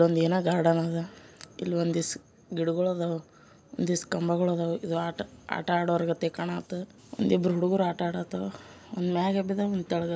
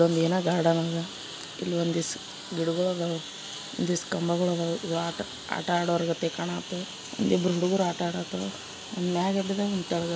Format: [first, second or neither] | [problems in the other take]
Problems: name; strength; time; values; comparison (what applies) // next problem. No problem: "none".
first | background sound (Engine); 12 dB below the speech